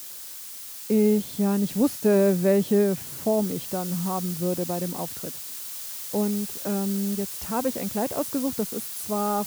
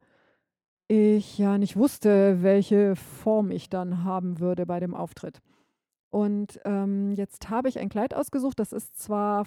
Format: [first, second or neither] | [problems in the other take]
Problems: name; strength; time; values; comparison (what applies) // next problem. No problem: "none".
second | hiss; loud; throughout; 7 dB below the speech